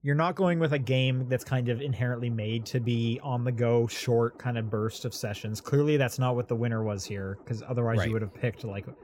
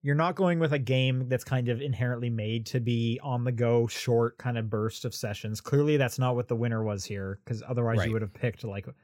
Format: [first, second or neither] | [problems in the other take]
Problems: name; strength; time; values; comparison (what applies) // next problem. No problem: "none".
second | low rumble; faint; throughout; 25 dB below the speech